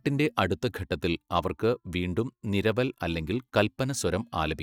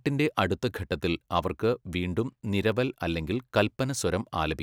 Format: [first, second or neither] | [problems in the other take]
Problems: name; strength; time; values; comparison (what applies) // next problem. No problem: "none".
second | noise reduction (neural mask model DeepFilterNet 3)